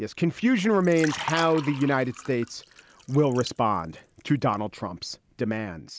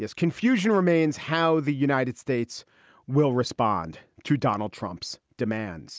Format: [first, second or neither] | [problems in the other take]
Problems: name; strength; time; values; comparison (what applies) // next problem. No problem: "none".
second | background sound (Liquid); 16 dB below the speech